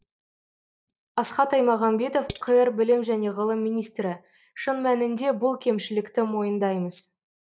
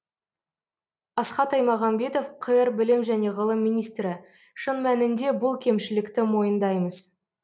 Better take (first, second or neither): second